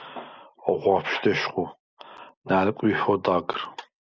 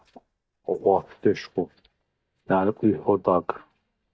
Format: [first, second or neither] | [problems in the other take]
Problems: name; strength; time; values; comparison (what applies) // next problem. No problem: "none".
first | noise reduction (neural mask model DeepFilterNet 3)